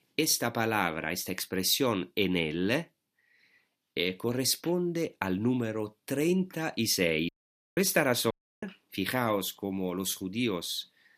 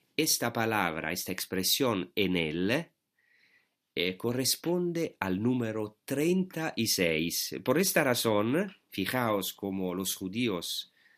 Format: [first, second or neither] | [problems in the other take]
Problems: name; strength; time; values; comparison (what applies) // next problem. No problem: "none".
second | audio cutting out; at 7.5 s and at 8.5 s